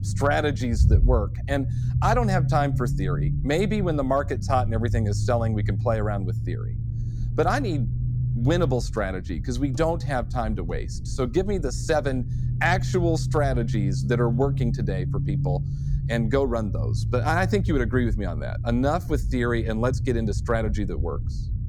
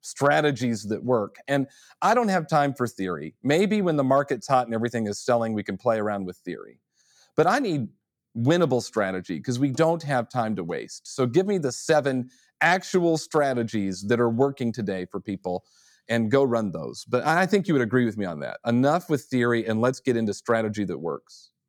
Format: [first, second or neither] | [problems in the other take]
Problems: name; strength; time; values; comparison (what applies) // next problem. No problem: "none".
second | low rumble; noticeable; throughout; 15 dB below the speech